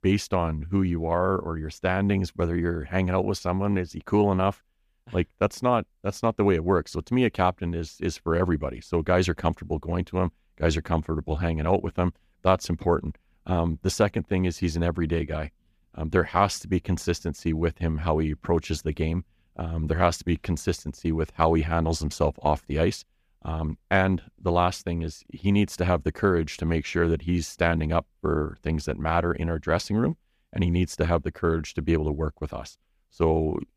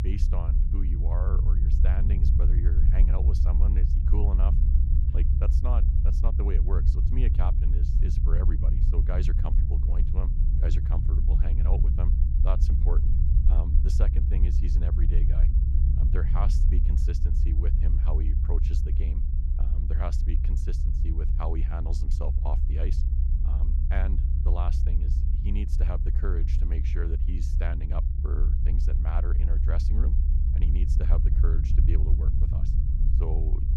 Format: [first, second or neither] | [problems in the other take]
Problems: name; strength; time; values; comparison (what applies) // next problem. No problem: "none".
first | low rumble; loud; throughout; 2 dB below the speech